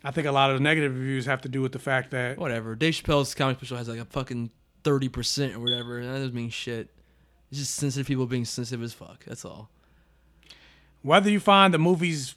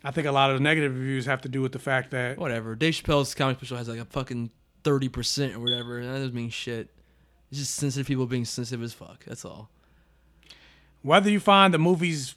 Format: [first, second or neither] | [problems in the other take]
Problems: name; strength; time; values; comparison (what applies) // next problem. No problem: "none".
neither | none